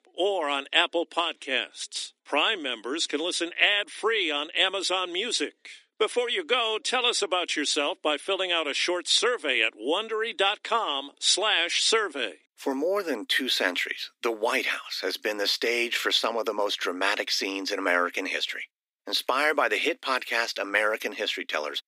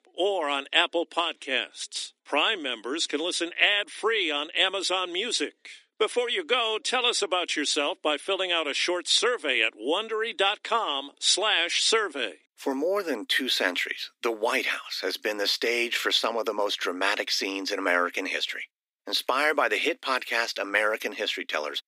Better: neither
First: thin; somewhat; fading below 300 Hz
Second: thin; somewhat; fading below 300 Hz

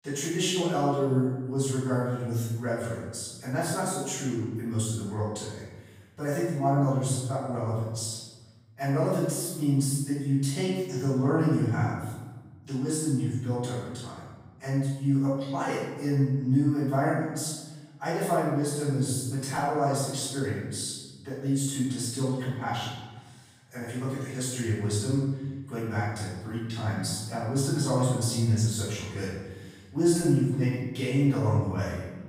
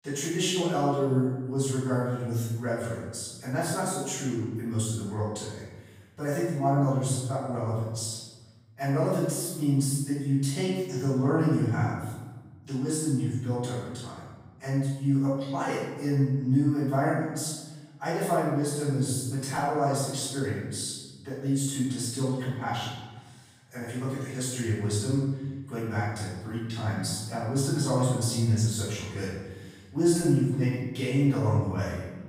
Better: neither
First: room echo; strong; dies away in 1.1 s // off-mic speech; far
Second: room echo; strong; dies away in 1.1 s // off-mic speech; far

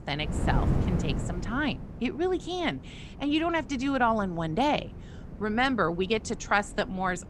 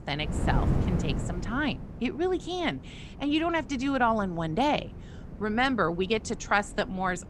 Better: neither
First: wind noise on the microphone; occasional gusts; 15 dB below the speech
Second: wind noise on the microphone; occasional gusts; 15 dB below the speech

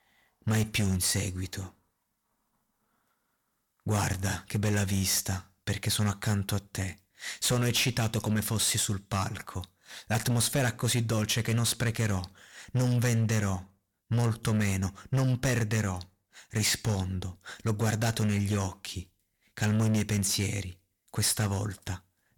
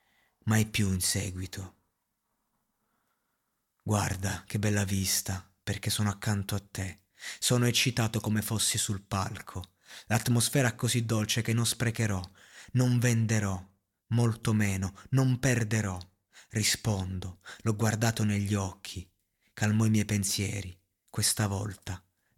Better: second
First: distortion; slight; 9% of the sound clipped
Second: none

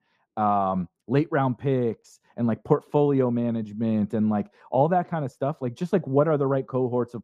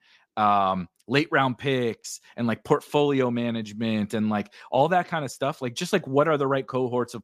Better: second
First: muffled; very; fading above 1.5 kHz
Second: none

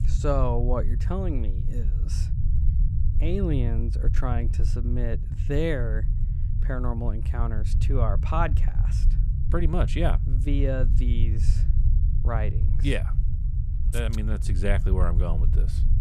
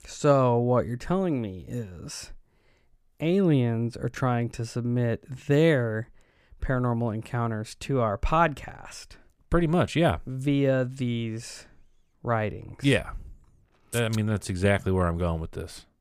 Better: second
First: low rumble; noticeable; throughout; 10 dB below the speech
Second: none

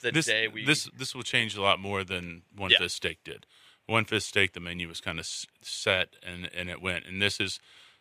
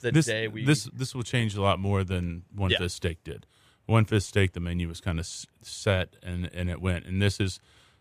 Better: second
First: thin; somewhat; fading below 500 Hz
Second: none

